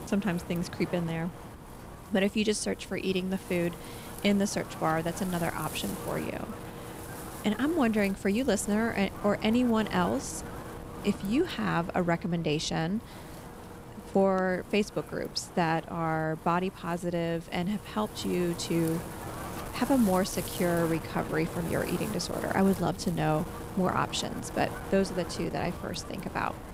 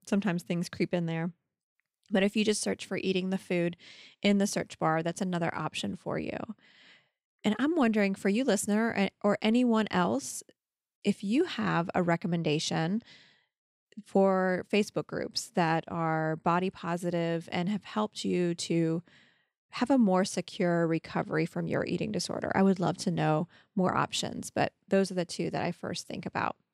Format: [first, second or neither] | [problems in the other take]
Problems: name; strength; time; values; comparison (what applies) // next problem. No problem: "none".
second | wind noise on the microphone; occasional gusts; 10 dB below the speech